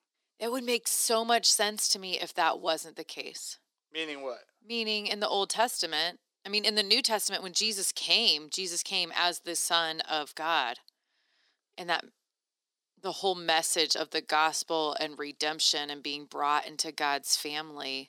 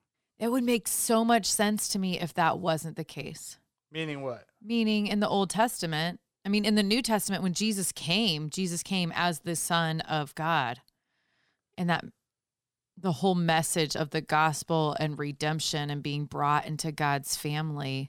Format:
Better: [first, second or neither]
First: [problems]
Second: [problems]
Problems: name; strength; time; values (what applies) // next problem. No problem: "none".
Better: second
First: thin; somewhat; fading below 300 Hz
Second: none